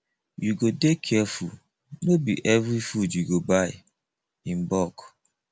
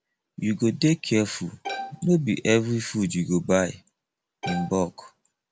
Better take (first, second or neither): first